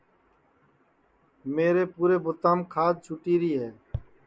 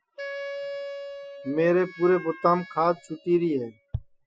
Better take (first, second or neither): first